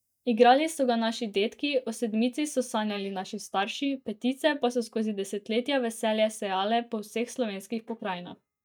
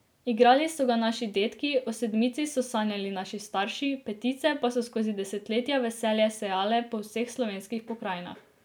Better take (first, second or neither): second